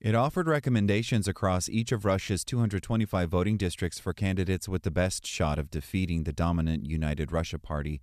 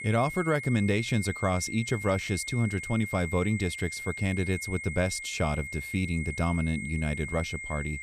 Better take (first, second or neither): first